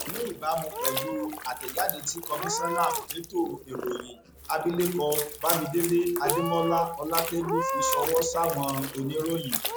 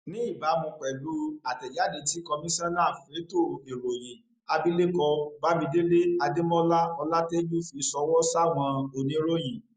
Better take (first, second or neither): second